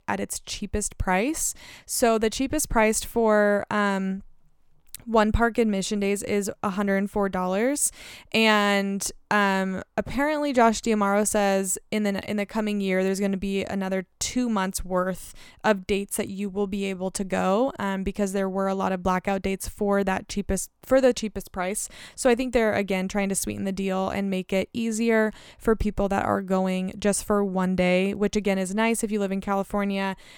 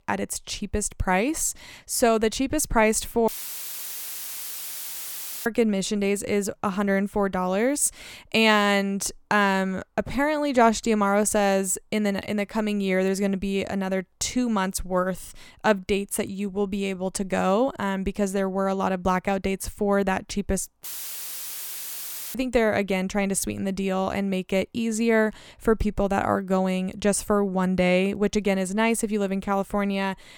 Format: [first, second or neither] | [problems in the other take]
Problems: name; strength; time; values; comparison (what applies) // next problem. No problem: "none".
first | audio cutting out; filled with static; at 3.5 s for 2 s and at 21 s for 1.5 s